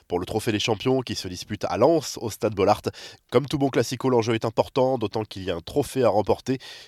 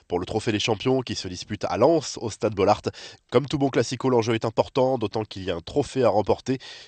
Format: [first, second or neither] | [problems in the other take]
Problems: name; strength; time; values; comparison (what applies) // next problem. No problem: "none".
first | garbled, watery; slightly; nothing above 8.5 kHz